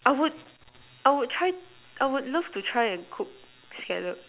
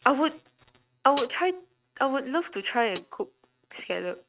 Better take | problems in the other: first | noise reduction (neural mask model RNNoise)

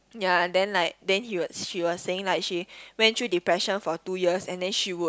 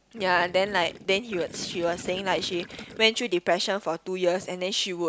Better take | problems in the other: first | background sound (Gurgling); 16 dB below the speech

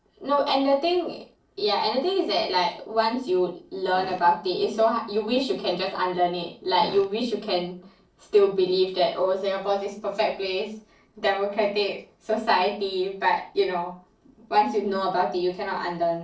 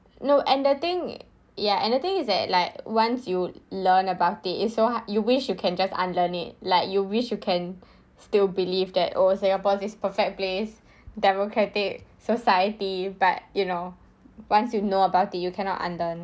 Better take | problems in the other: second | noise reduction (neural separator model SepFormer DNS4)

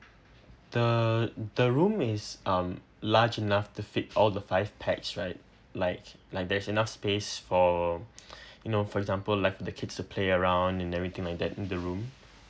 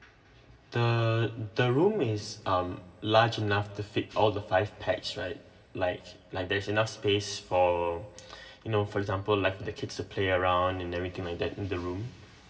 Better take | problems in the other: first | room echo; dies away in 1.4 s

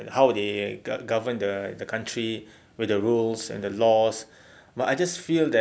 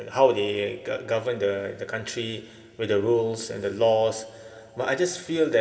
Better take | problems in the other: first | room echo; dies away in 2.2 s

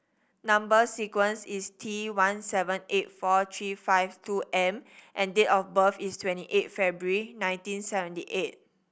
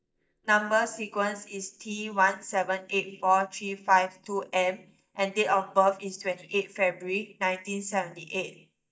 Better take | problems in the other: first | noise reduction (neural mask model DeepFilterNet 3)

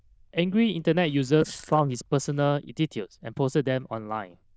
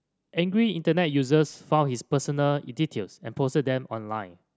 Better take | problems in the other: second | noise reduction (neural diffusion model UNIVERSE++)

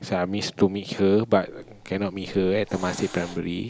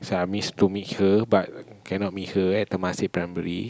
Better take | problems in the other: second | background sound (Hiss); 19 dB below the speech

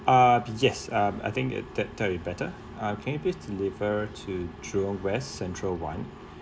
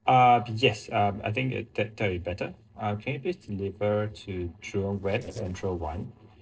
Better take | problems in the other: first | noise reduction (neural separator model SepFormer DNS4)

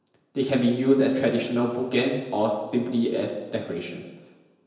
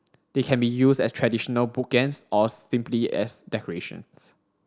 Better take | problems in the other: second | room echo; dies away in 1 s

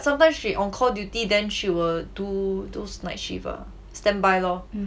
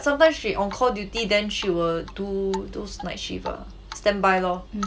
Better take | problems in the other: first | background sound (Drip); 18 dB below the speech

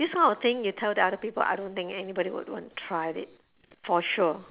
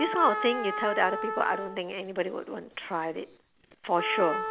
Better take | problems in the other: first | background sound (Trumpet); 6 dB below the speech

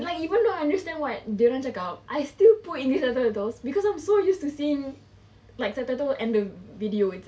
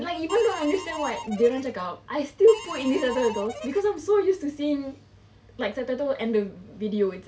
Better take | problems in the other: first | background sound (Harmonica); 13 dB below the speech

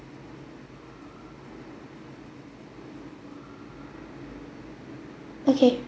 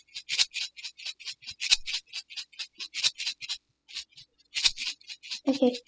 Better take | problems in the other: first | noise reduction (classical method spectral subtraction)

